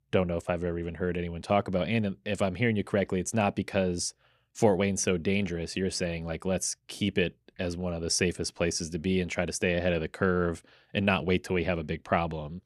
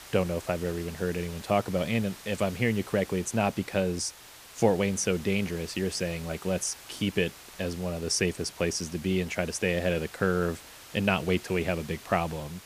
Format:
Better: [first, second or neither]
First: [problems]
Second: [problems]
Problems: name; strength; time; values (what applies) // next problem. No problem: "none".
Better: first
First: none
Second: hiss; noticeable; throughout; 15 dB below the speech